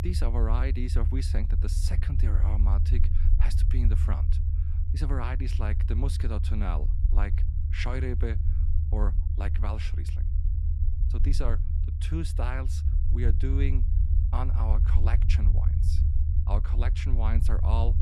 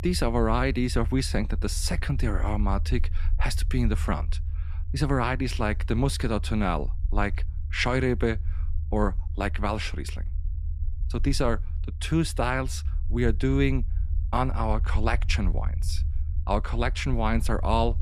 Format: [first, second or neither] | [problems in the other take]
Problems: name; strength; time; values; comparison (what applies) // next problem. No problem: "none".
second | low rumble; loud; throughout; 6 dB below the speech; faint in the second